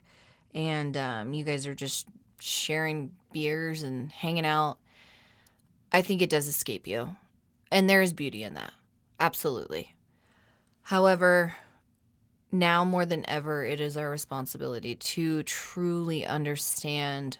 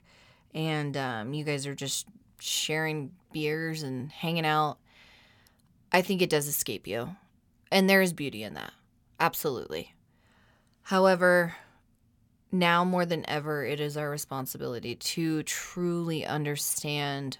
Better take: second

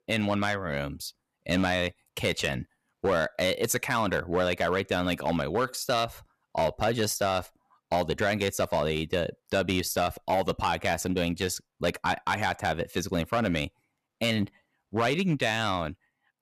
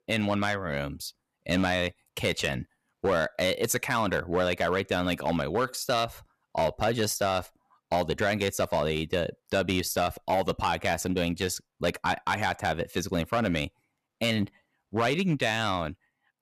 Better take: neither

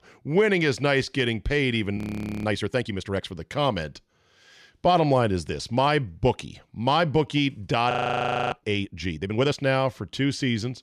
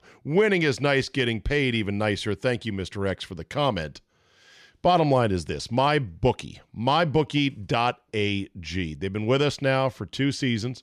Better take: second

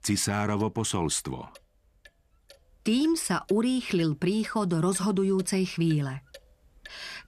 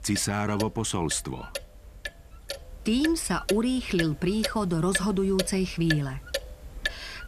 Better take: first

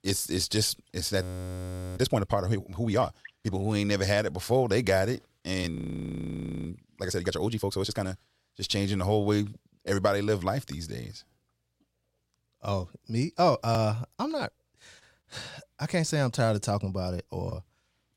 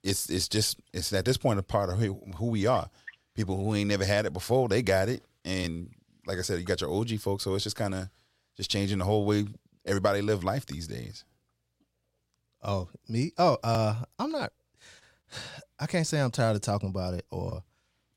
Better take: second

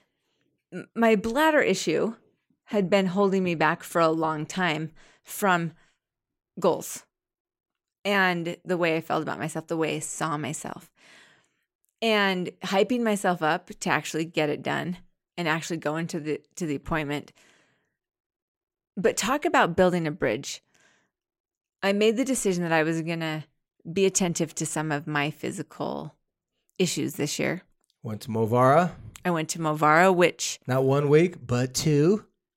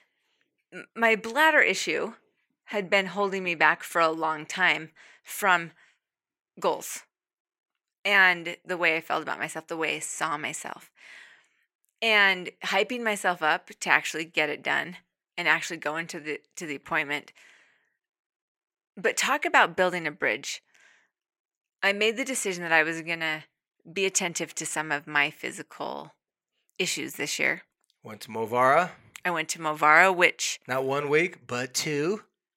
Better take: first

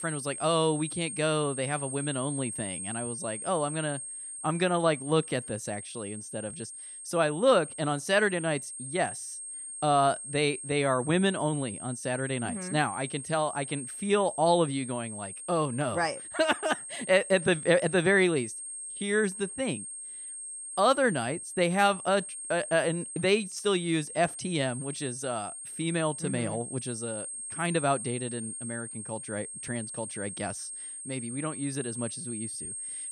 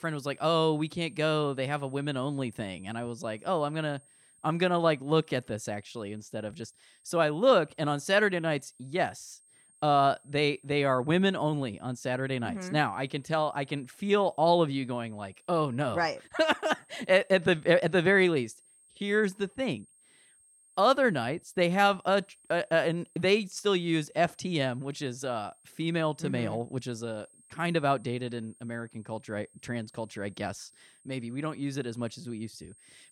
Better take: second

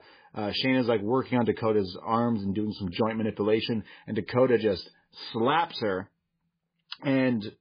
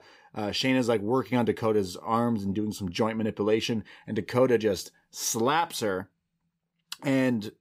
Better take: second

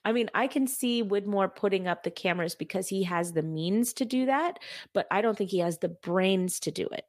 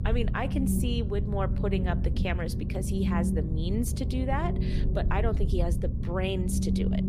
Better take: first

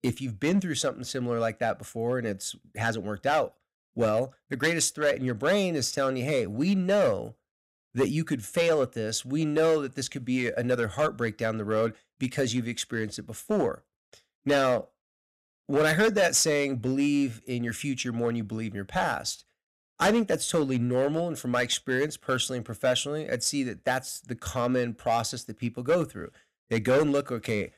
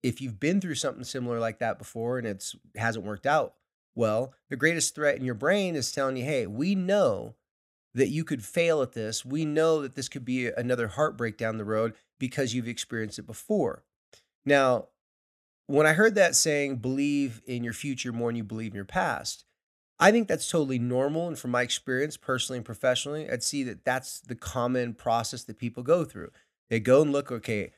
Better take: second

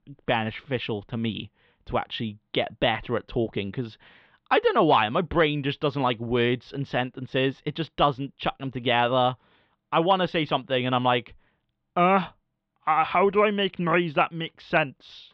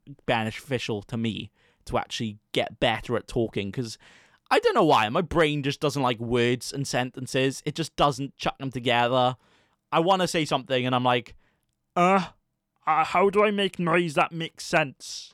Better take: second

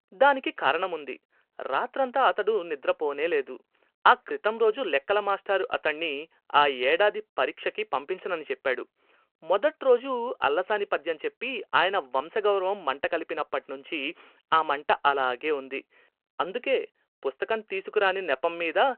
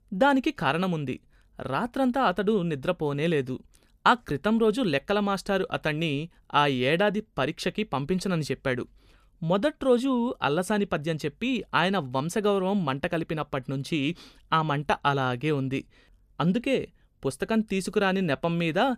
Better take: second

